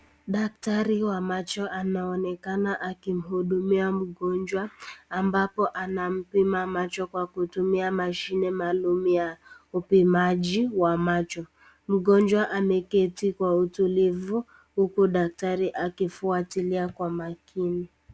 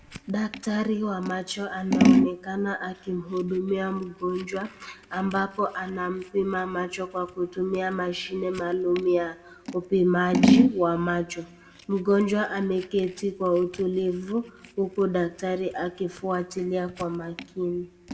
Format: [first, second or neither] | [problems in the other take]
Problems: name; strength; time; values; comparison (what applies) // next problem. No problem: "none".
first | background sound (Scissors); 3 dB below the speech // room echo; dies away in 0.8 s